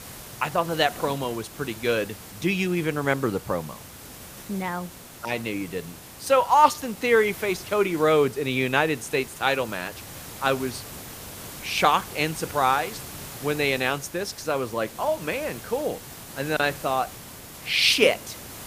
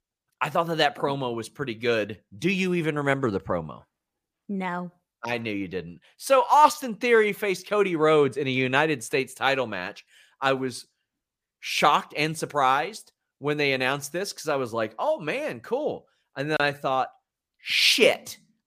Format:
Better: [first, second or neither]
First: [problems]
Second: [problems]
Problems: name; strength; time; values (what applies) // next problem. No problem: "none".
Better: second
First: hiss; noticeable; throughout; 15 dB below the speech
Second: none